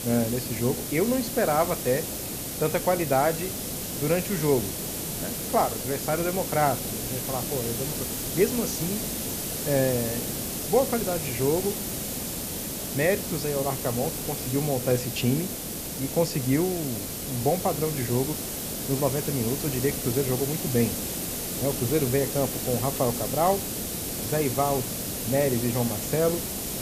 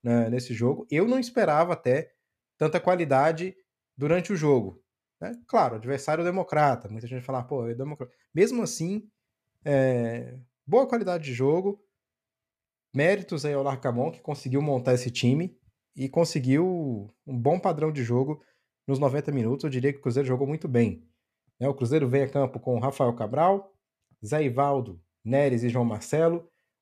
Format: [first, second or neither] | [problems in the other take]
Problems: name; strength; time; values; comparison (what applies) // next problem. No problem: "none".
second | hiss; loud; throughout; 3 dB below the speech